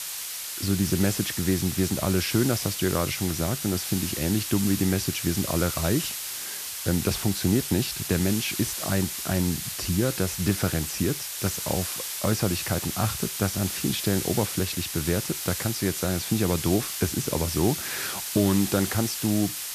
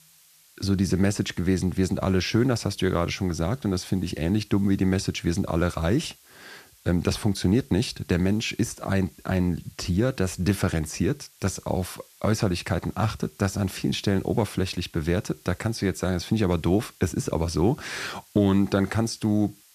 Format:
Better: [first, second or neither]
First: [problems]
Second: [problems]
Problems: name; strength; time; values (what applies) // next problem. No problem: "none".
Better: second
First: hiss; loud; throughout; 3 dB below the speech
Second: hiss; faint; throughout; 25 dB below the speech